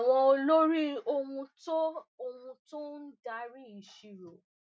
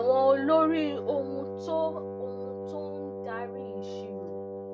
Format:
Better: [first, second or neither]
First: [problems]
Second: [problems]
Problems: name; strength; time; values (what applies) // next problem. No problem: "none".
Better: first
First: none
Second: background sound (Wind instrument, woodwind instrument); 7 dB below the speech